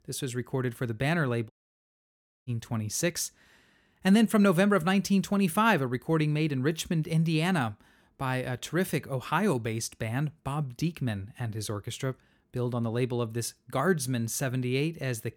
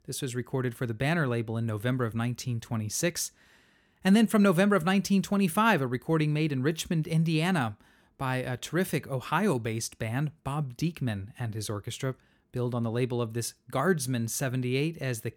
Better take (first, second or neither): second